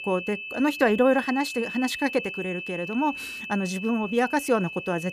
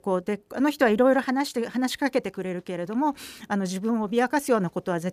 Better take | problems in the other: second | high-pitched whine; loud; throughout; 2.5 kHz, 8 dB below the speech

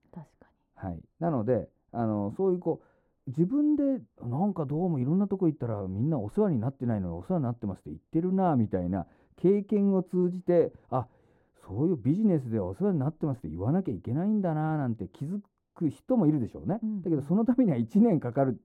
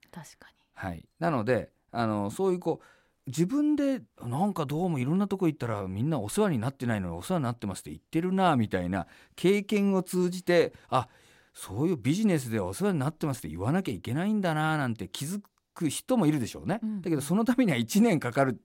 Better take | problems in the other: second | muffled; very; fading above 1.5 kHz

